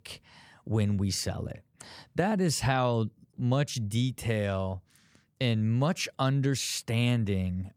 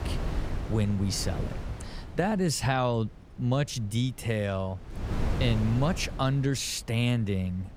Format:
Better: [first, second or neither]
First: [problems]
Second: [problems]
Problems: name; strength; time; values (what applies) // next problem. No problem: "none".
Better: first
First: none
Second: wind noise on the microphone; occasional gusts; 10 dB below the speech